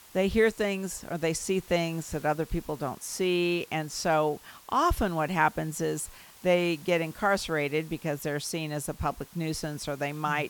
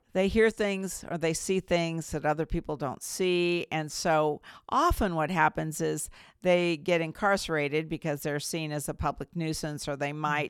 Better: second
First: hiss; faint; throughout; 20 dB below the speech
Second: none

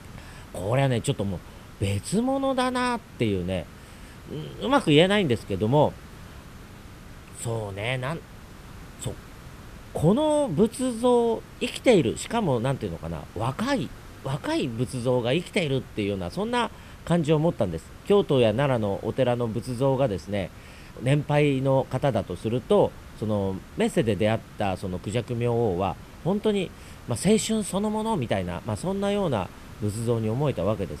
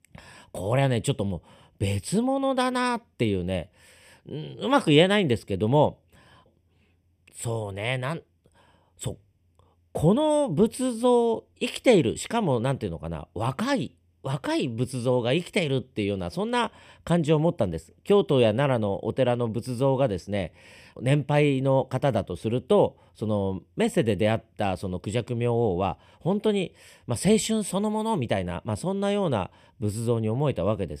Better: second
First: hiss; noticeable; throughout; 20 dB below the speech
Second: none

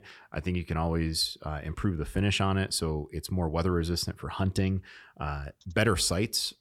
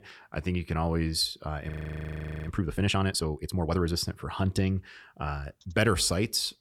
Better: first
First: none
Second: audio freezing; at 1.5 s for 1 s

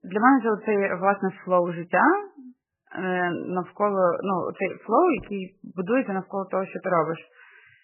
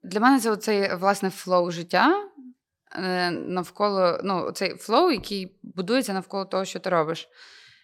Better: second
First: garbled, watery; badly; nothing above 3 kHz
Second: none

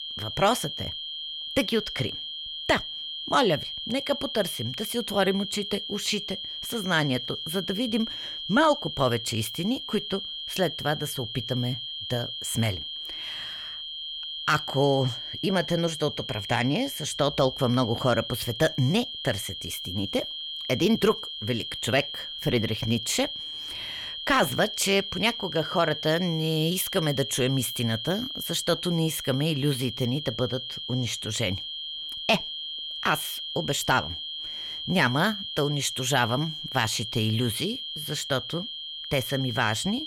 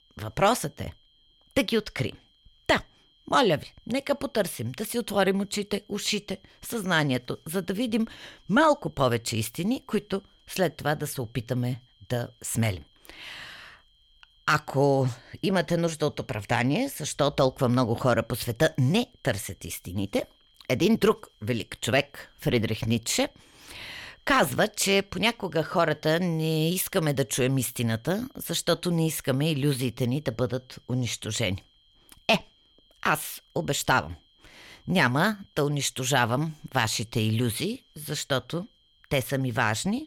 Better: second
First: high-pitched whine; loud; throughout; 3 kHz, 6 dB below the speech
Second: high-pitched whine; faint; throughout; 3 kHz, 35 dB below the speech

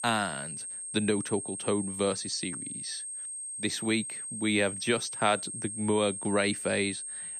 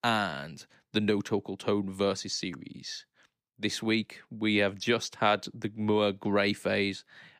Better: second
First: high-pitched whine; loud; throughout; 8.5 kHz, 5 dB below the speech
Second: none

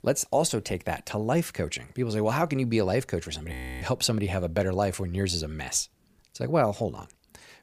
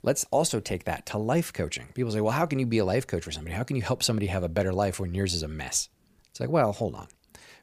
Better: second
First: audio freezing; at 3.5 s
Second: none

